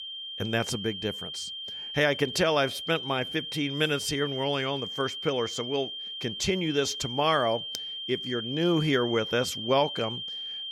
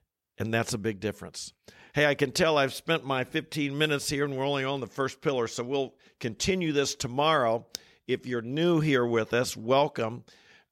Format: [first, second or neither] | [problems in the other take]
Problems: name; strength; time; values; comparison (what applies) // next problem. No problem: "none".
second | high-pitched whine; loud; throughout; 3 kHz, 6 dB below the speech